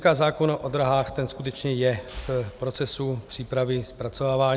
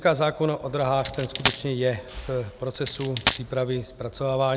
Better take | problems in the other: first | background sound (Coin (dropping)); 3 dB below the speech

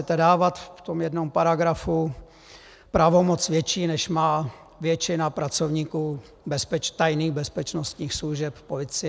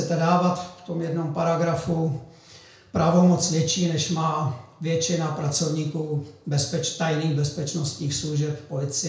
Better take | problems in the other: first | room echo; dies away in 0.5 s

